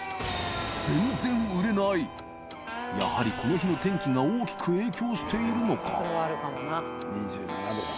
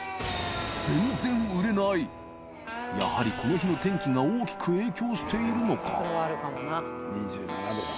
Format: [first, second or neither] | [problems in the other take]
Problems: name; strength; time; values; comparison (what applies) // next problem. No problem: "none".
second | background sound (Wind instrument, woodwind instrument + Printer); 18 dB below the speech